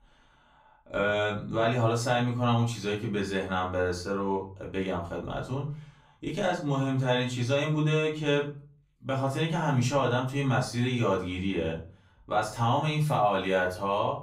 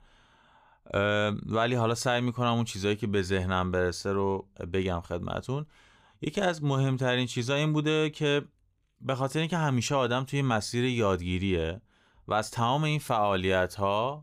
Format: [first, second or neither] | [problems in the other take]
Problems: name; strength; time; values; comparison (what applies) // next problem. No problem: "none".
second | off-mic speech; far // room echo; slight; dies away in 0.3 s